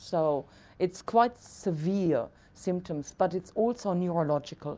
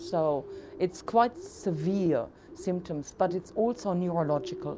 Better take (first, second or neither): first